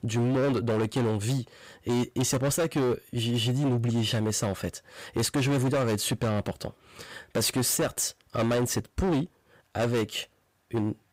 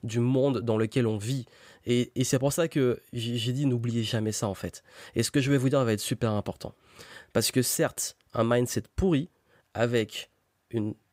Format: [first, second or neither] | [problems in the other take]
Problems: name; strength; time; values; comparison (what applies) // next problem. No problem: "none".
second | distortion; heavy; 17% of the sound clipped